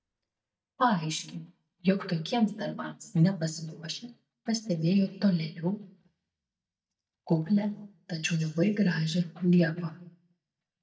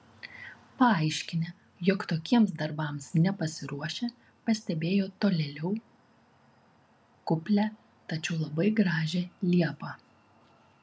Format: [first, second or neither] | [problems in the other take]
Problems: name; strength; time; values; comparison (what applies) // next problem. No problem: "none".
second | noise reduction (neural mask model DeepFilterNet 3)